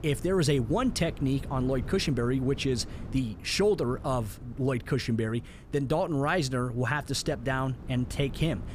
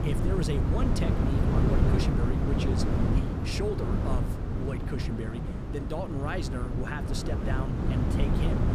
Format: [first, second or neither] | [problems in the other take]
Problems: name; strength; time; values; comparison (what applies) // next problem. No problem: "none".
first | wind noise on the microphone; heavy; 1 dB above the speech; occasional gusts in the first